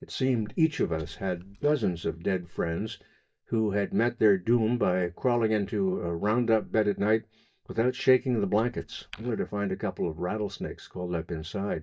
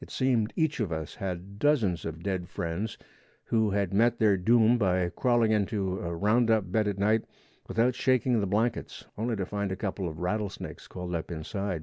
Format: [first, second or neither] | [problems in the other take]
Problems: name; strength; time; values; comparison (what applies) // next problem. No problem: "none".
second | noise reduction (neural mask model DeepFilterNet 3)